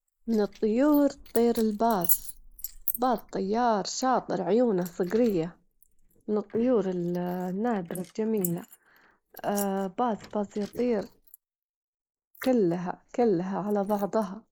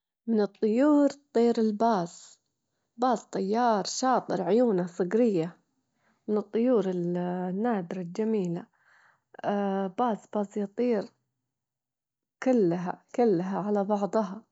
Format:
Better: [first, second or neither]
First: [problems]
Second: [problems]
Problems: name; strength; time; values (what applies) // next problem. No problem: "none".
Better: second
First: noise reduction (neural mask model Resemble Enhance denoiser)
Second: none